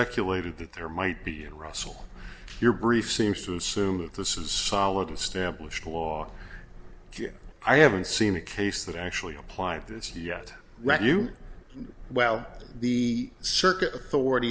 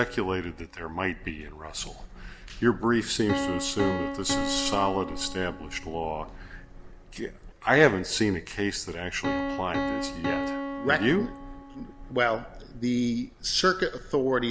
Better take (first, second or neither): first